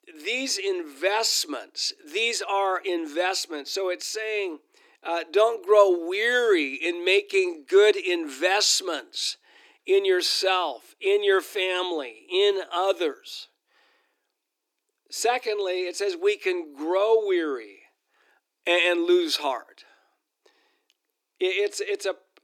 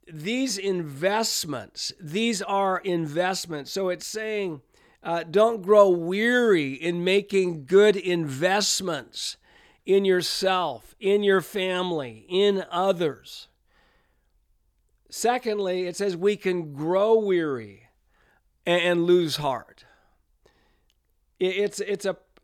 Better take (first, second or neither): second